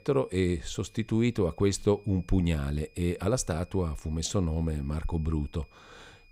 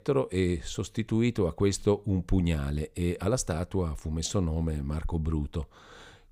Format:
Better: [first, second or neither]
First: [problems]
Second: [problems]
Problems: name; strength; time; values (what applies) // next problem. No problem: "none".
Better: second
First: high-pitched whine; faint; throughout; 2.5 kHz, 30 dB below the speech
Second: none